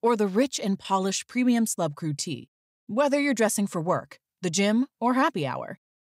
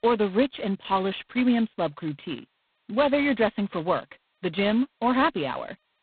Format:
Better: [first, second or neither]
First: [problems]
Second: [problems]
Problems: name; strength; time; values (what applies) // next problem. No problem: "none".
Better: first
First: none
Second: phone-call audio; poor line; nothing above 4 kHz